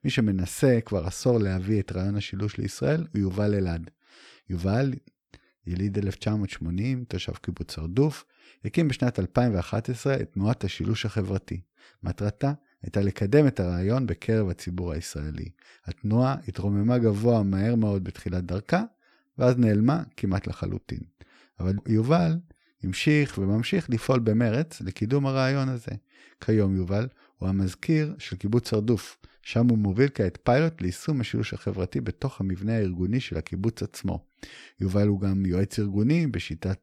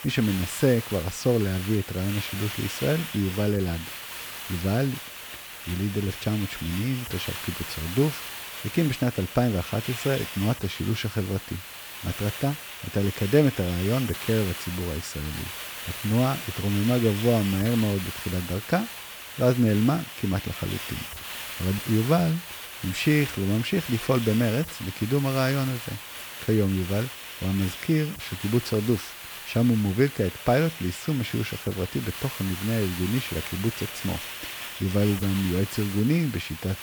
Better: first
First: none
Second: hiss; loud; throughout; 8 dB below the speech

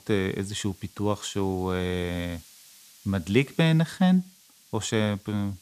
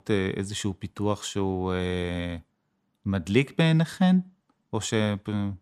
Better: second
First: hiss; faint; throughout; 25 dB below the speech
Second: none

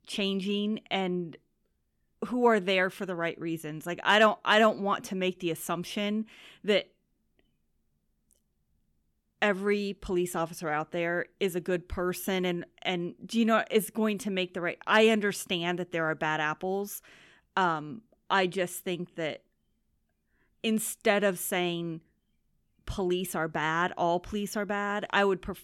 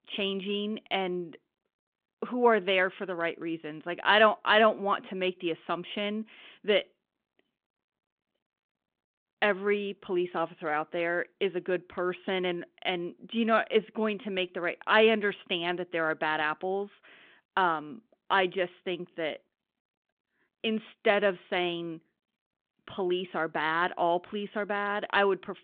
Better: first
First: none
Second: phone-call audio

